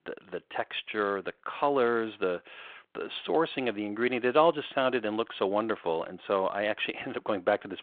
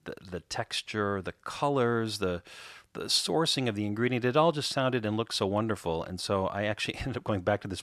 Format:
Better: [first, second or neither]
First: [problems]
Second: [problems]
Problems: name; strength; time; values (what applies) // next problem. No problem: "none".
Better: second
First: phone-call audio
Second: none